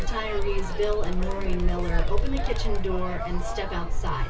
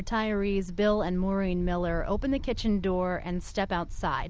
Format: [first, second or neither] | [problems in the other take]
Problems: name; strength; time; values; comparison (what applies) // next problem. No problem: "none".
second | background sound (Crowd); 15 dB below the speech // room echo; dies away in 0.2 s